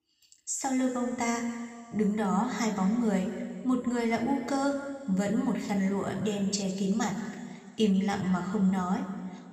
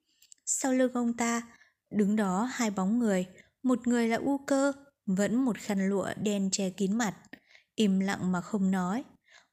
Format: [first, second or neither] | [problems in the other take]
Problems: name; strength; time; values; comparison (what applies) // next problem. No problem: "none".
second | room echo; noticeable; dies away in 2 s // off-mic speech; somewhat distant